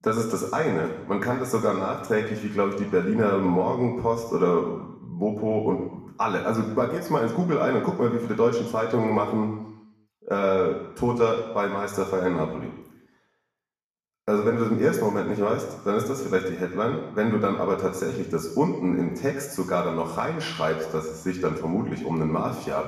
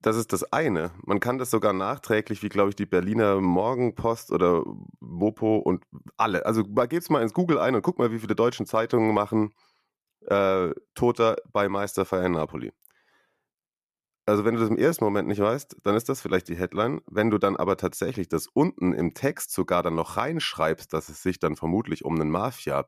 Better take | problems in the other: second | room echo; noticeable; dies away in 0.9 s // off-mic speech; somewhat distant

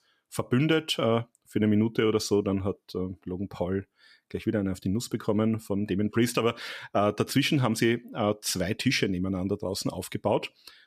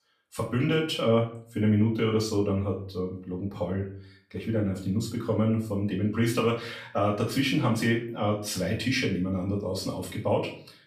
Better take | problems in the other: first | off-mic speech; far // room echo; slight; dies away in 0.4 s

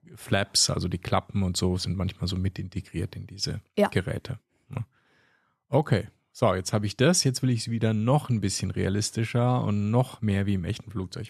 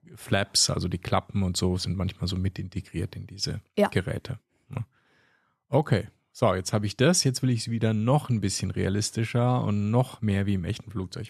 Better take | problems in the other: neither | none

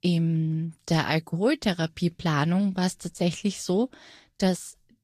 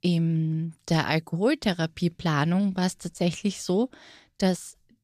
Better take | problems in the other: second | garbled, watery; slightly; nothing above 14.5 kHz

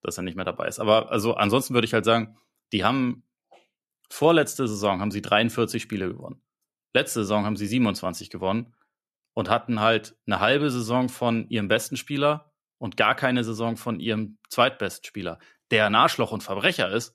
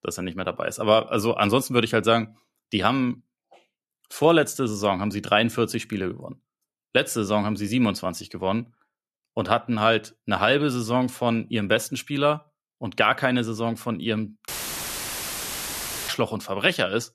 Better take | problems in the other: first | audio cutting out; filled with static; at 14 s for 1.5 s

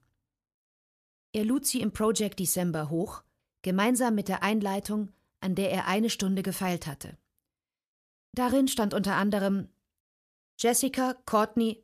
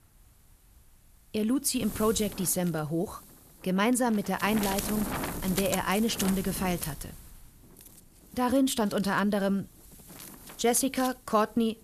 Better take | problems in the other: first | wind noise on the microphone; heavy; 10 dB below the speech

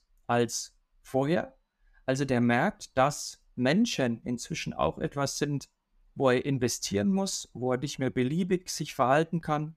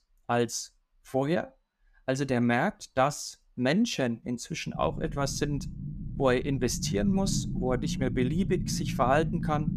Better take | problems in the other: first | low rumble; noticeable; from 4.5 s on; 15 dB below the speech

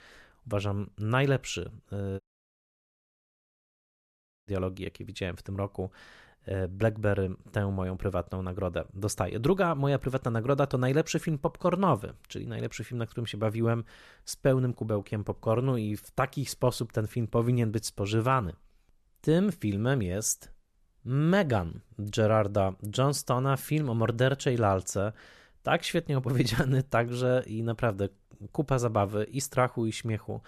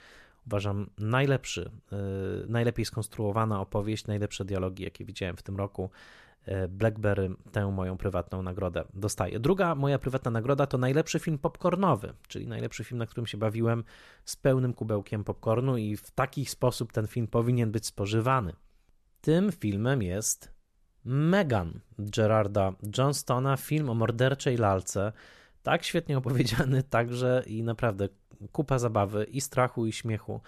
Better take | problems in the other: second | audio cutting out; at 2 s for 2.5 s

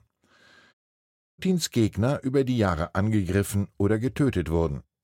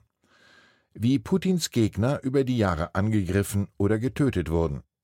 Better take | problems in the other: second | audio cutting out; at 0.5 s for 0.5 s

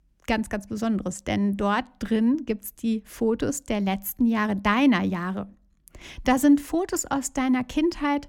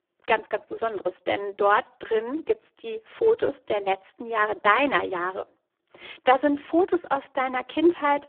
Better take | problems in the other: first | phone-call audio; poor line

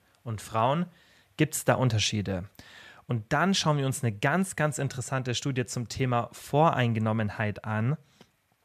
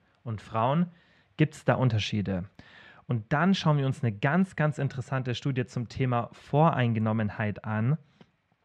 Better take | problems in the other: first | muffled; slightly; fading above 3.5 kHz

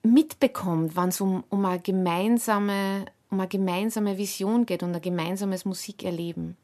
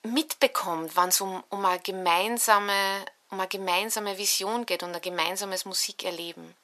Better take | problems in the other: first | thin; very; fading below 700 Hz

